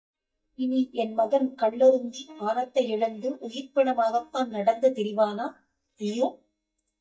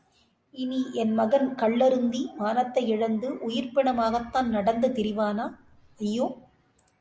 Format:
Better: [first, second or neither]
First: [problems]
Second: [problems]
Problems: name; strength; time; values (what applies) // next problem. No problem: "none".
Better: second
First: noise reduction (neural mask model DeepFilterNet 3)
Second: none